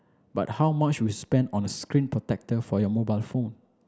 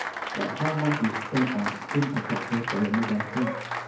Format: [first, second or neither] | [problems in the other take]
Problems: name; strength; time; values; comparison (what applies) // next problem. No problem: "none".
first | background sound (Applause); 4 dB below the speech // room echo; dies away in 2.4 s